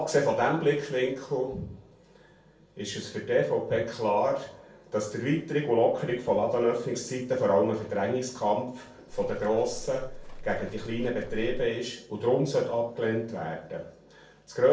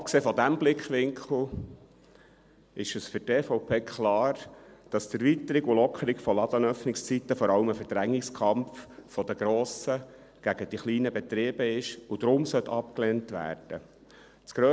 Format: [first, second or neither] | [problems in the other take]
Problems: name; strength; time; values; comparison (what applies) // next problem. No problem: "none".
second | background sound (Livestock, farm animals, working animals); 9 dB below the speech // room echo; dies away in 0.4 s